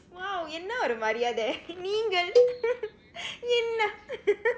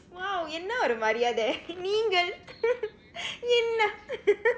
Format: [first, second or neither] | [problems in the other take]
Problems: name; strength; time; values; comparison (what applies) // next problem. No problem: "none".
second | background sound (Cowbell); 1 dB above the speech